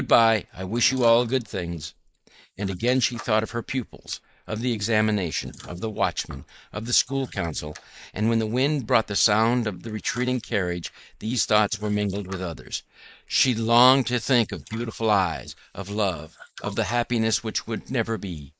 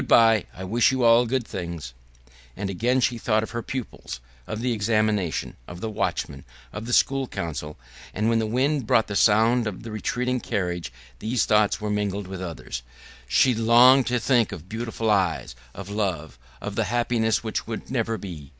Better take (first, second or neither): second